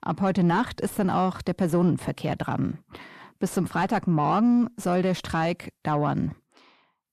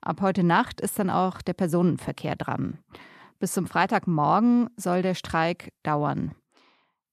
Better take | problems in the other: second | distortion; slight; 10 dB below the speech

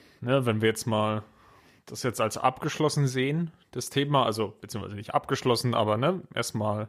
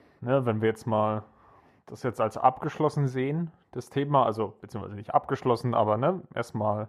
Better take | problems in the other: first | muffled; very; fading above 2.5 kHz

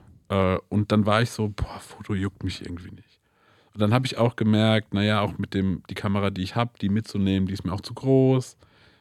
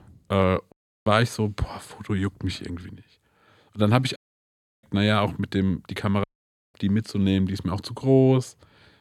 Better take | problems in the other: first | audio cutting out; at 0.5 s, at 4 s for 0.5 s and at 6 s for 0.5 s

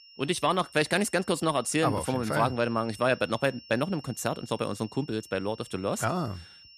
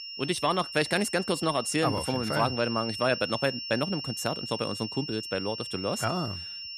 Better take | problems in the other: first | high-pitched whine; loud; throughout; 5.5 kHz, 6 dB below the speech; faint in the first

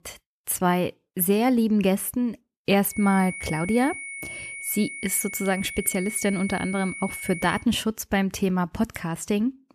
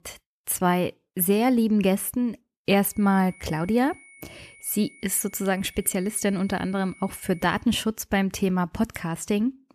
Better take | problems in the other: second | high-pitched whine; loud; from 3 to 7.5 s; 2 kHz, 9 dB below the speech; faint in the second

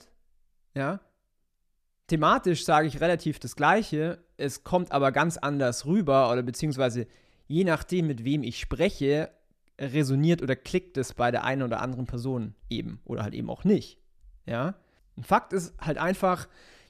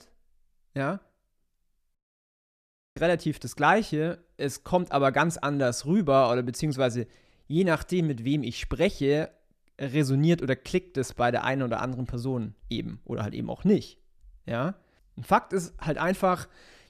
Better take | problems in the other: first | audio cutting out; at 2 s for 1 s

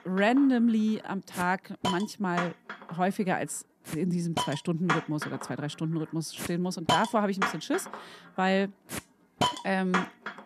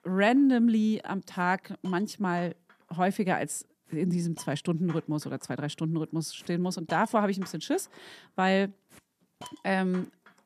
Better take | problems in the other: second | hiss; loud; throughout; 5 dB below the speech; faint in the second

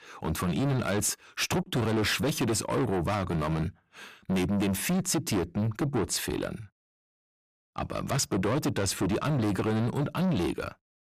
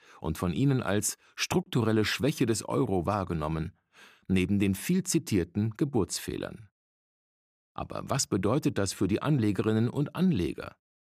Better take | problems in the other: second | distortion; heavy; 6 dB below the speech

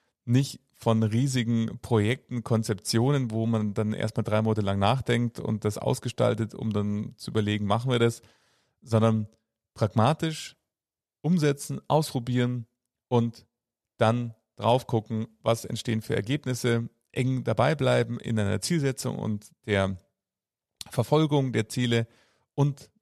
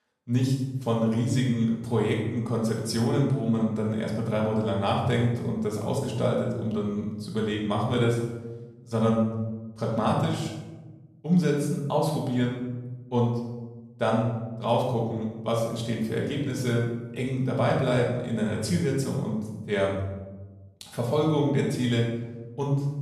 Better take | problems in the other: first | room echo; noticeable; dies away in 1 s // off-mic speech; far

